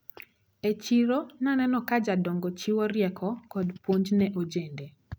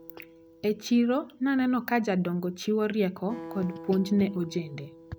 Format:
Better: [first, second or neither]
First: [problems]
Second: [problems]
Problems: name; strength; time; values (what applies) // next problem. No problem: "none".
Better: first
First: none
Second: background sound (Acoustic guitar); 19 dB below the speech